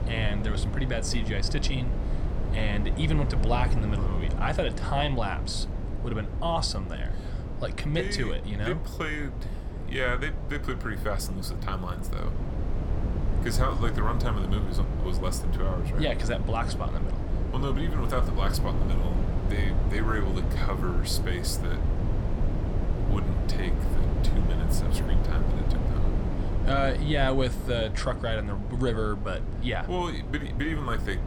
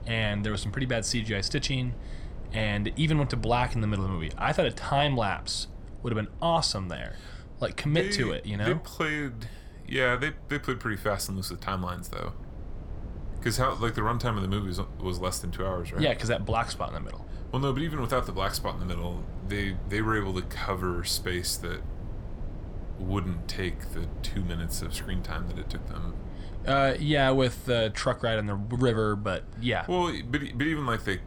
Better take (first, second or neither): second